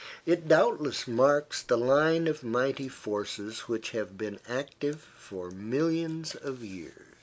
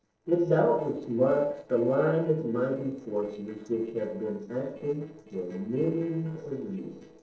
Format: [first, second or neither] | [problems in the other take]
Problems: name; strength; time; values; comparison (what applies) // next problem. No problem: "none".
first | noise reduction (neural separator model SepFormer DNS4)